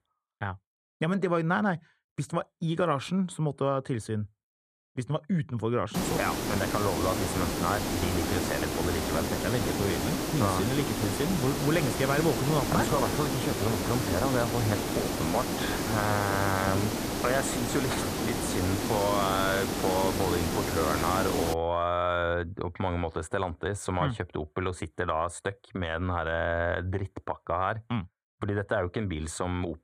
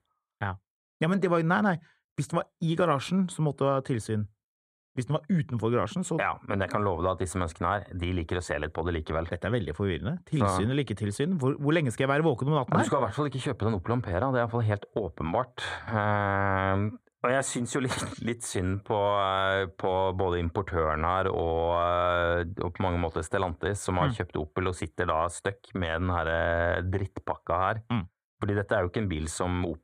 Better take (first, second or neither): second